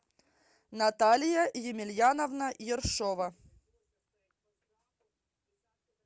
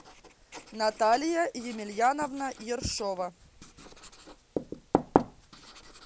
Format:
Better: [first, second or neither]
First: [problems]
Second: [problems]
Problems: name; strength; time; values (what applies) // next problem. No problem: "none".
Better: first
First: none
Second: background sound (Writing); 4 dB below the speech